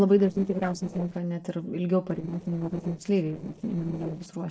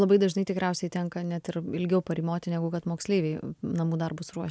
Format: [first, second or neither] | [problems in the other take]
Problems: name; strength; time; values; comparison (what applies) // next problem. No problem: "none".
second | noise reduction (neural separator model SepFormer DNS4)